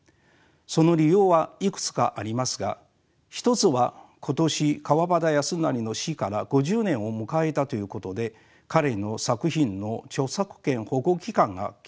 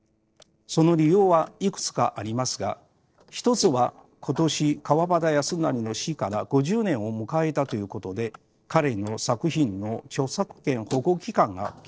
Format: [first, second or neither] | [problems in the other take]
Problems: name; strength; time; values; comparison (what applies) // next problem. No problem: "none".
first | noise reduction (neural separator model SepFormer DNS4)